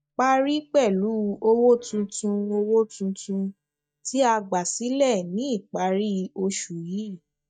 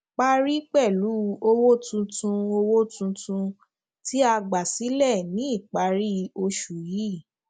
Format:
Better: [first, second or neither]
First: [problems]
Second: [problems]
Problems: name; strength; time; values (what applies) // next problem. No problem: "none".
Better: second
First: noise reduction (neural mask model DeepFilterNet 3)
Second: none